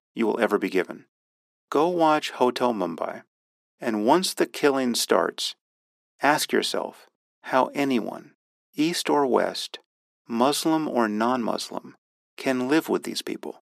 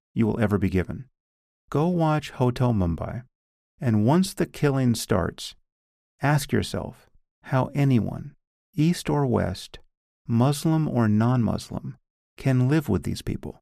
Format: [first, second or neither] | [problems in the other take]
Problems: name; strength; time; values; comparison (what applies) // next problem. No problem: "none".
second | thin; somewhat; fading below 300 Hz